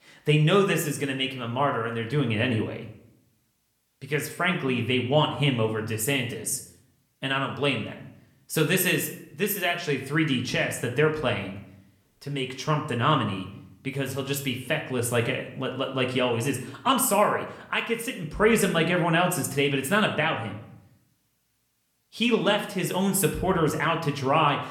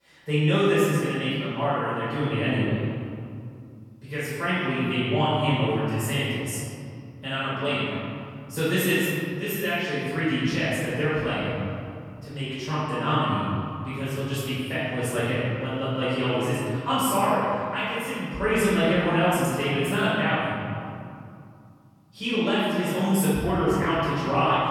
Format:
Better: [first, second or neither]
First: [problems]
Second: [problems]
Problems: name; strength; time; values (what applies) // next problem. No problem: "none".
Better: first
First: room echo; slight; dies away in 0.5 s // off-mic speech; somewhat distant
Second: room echo; strong; dies away in 2.5 s // off-mic speech; far